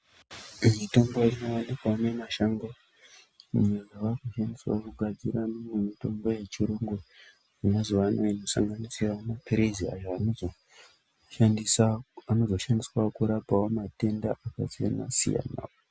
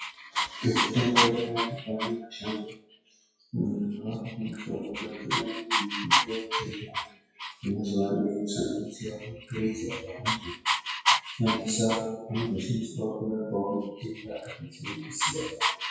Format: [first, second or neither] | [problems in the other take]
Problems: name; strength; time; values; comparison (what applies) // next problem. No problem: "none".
first | noise reduction (classical method WPE with log-MMSE)